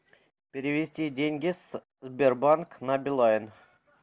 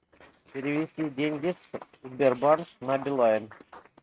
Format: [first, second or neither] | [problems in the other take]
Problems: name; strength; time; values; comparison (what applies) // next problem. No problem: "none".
first | noise reduction (neural mask model RNNoise)